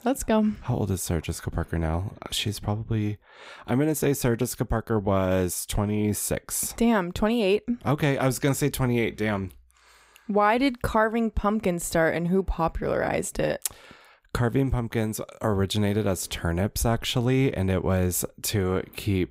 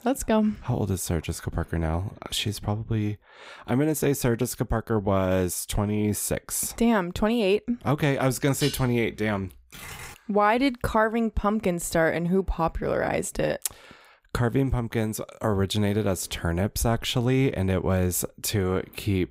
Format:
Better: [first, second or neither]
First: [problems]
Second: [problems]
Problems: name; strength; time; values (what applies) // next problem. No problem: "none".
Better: first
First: none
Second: clattering dishes; noticeable; at 8.5 s; peak 8 dB below the speech // keyboard typing; faint; at 9.5 s; peak 15 dB below the speech